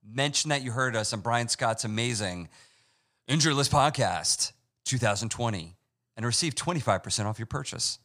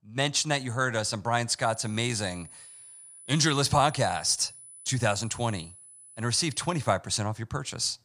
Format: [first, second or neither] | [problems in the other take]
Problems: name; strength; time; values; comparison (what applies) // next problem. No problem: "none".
first | high-pitched whine; noticeable; from 1.5 to 7 s; 10 kHz, 20 dB below the speech